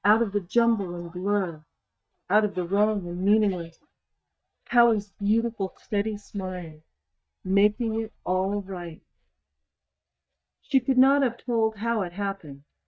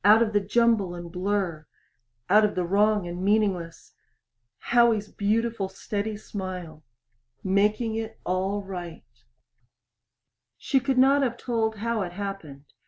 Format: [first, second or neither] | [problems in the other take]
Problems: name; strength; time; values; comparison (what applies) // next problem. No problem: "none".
second | noise reduction (neural mask model DeepFilterNet 3)